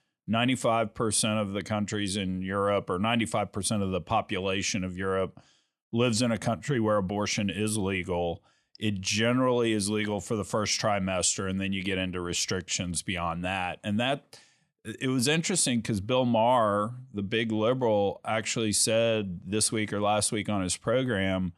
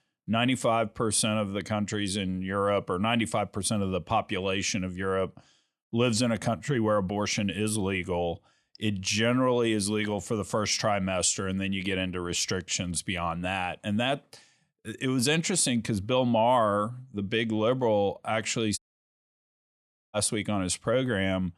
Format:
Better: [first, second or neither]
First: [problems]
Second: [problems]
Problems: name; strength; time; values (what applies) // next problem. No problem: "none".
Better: first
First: none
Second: audio cutting out; at 19 s for 1.5 s